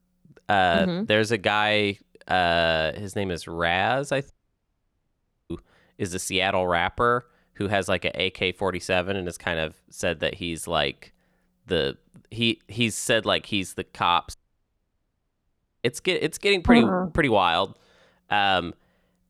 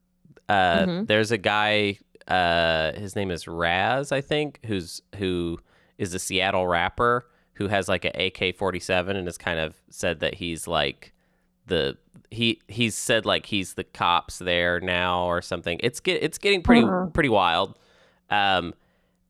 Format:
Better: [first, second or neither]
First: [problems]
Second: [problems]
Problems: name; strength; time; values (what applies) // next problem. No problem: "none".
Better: second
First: audio cutting out; at 4.5 s for 1 s and at 14 s for 1.5 s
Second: none